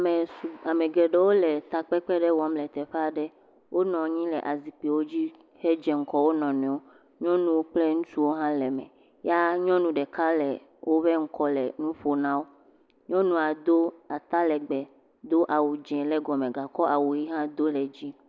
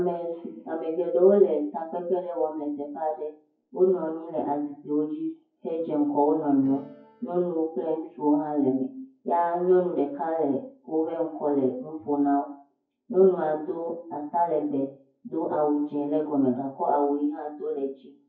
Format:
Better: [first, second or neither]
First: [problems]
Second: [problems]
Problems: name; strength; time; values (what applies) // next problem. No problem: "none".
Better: first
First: none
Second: noise reduction (classical method WPE with log-MMSE)